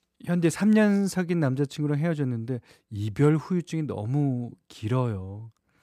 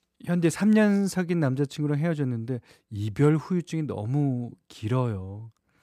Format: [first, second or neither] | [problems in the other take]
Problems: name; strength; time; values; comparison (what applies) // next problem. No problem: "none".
neither | none